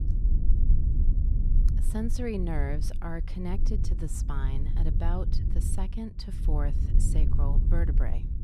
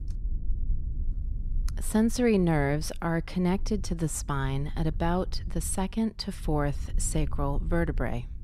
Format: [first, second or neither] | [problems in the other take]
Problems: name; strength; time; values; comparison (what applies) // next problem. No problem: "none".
second | low rumble; loud; throughout; 6 dB below the speech; faint in the second